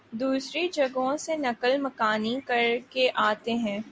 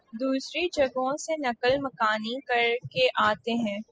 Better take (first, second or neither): first